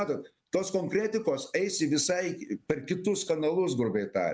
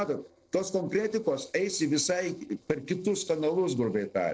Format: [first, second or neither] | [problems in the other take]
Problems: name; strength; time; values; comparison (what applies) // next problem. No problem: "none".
first | noise reduction (neural separator model SepFormer DNS4)